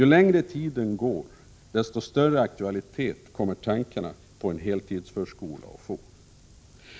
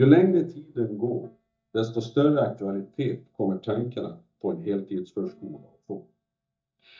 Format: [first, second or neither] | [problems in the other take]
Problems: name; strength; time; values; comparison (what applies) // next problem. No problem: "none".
first | noise reduction (neural mask model DeepFilterNet 3)